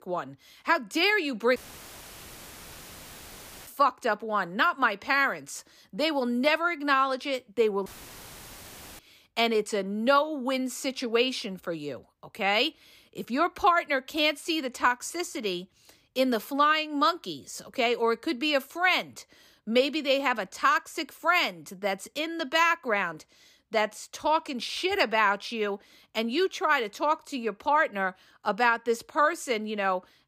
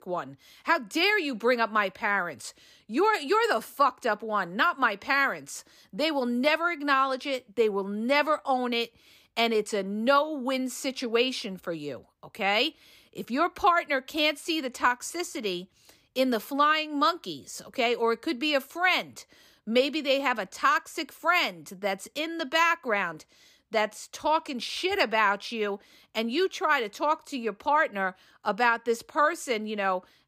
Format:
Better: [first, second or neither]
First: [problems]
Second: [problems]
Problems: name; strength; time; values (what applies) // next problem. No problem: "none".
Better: second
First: audio cutting out; filled with static; at 1.5 s for 2 s and at 8 s for 1 s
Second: none